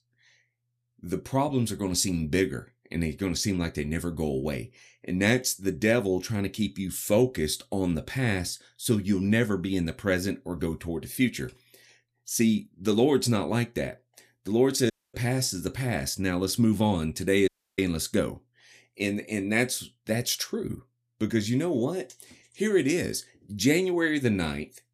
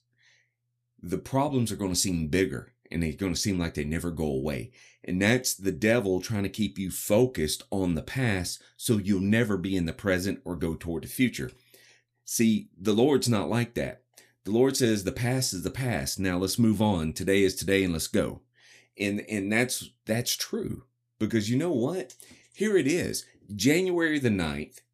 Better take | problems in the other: second | audio cutting out; at 15 s and at 17 s

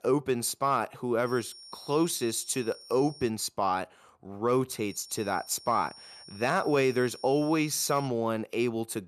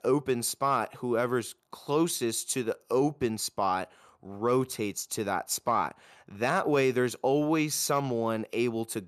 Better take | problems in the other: second | high-pitched whine; noticeable; from 1.5 to 3.5 s and from 5 to 8 s; 5.5 kHz, 20 dB below the speech

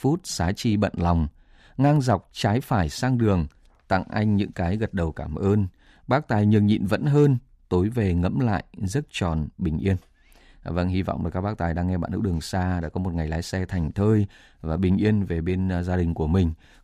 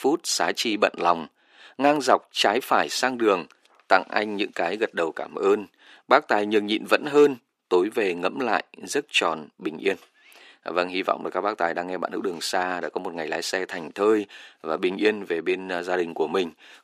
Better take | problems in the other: first | thin; very; fading below 350 Hz

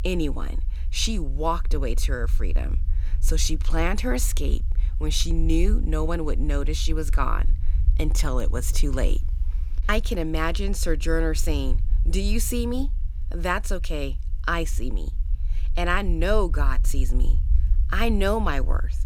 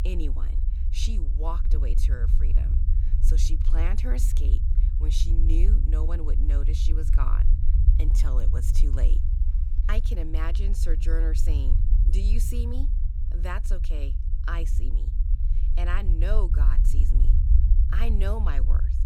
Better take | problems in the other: first | low rumble; loud; throughout; 7 dB below the speech; faint in the first

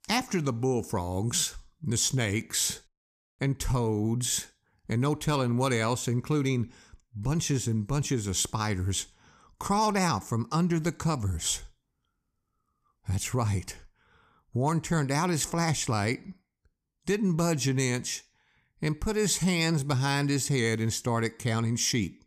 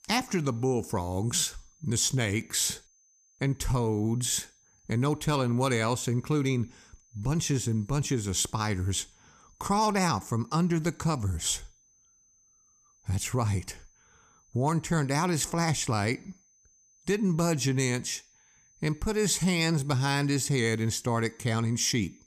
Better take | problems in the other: first | high-pitched whine; faint; throughout; 6 kHz, 30 dB below the speech

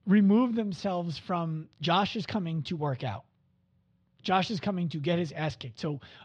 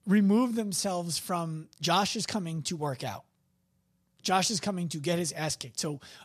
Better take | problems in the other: second | muffled; slightly; fading above 3.5 kHz

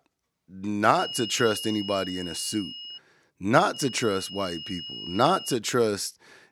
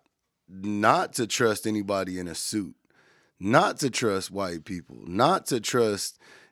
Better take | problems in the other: second | high-pitched whine; loud; from 1 to 3 s and from 3.5 to 5.5 s; 3 kHz, 10 dB below the speech

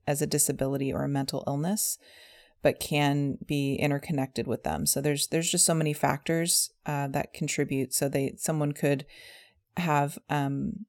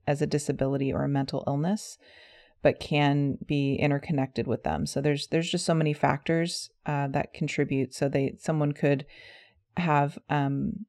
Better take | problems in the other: first | muffled; slightly; fading above 3.5 kHz

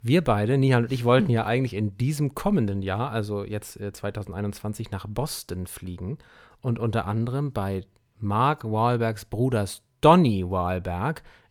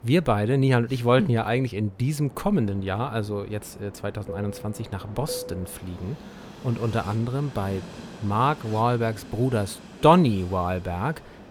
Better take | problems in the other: first | train or aircraft noise; noticeable; throughout; 15 dB below the speech

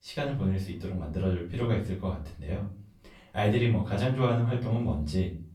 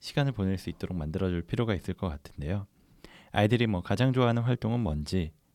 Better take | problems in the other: second | off-mic speech; far // room echo; slight; dies away in 0.4 s

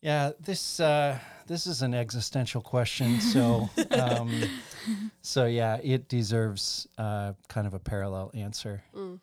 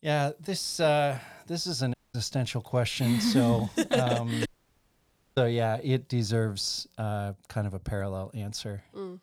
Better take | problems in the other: first | audio cutting out; at 2 s and at 4.5 s for 1 s

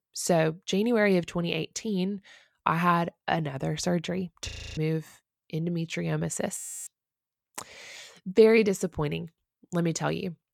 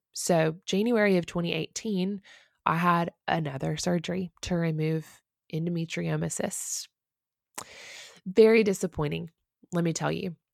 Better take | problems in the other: second | audio freezing; at 4.5 s and at 6.5 s

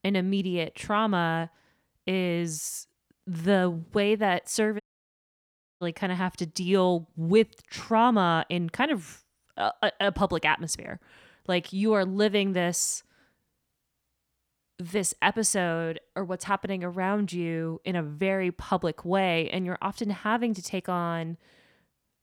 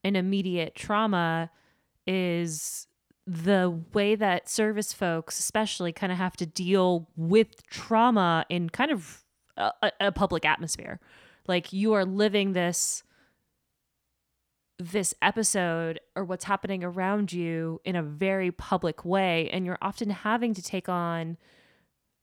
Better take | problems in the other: second | audio cutting out; at 5 s for 1 s

